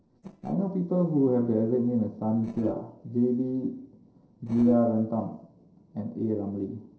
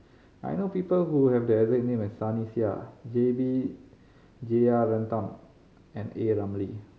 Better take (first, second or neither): second